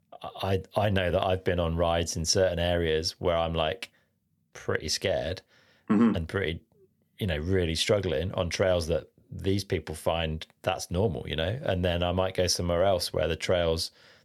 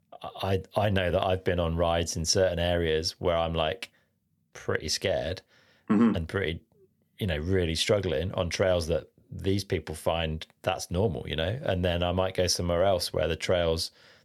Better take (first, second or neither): neither